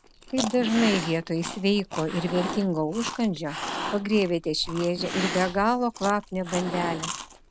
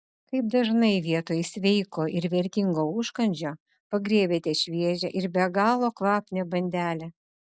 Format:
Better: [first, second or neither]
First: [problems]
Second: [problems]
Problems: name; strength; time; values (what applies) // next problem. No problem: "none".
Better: second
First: background sound (Cat + Chewing, mastication); 8 dB below the speech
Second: none